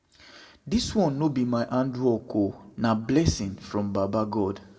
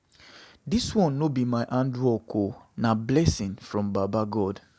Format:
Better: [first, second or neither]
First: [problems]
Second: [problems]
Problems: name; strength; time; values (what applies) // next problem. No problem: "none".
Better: second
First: room echo; dies away in 0.8 s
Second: none